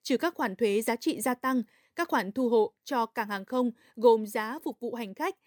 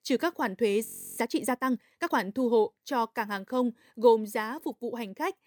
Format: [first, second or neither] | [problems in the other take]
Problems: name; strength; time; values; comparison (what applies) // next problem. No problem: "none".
first | audio freezing; at 1 s